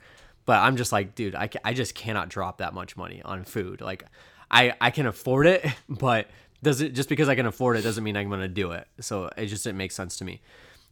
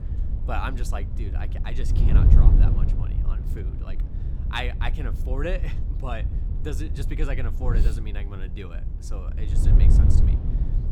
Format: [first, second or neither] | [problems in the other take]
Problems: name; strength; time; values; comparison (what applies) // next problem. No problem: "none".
first | wind noise on the microphone; heavy; 5 dB below the speech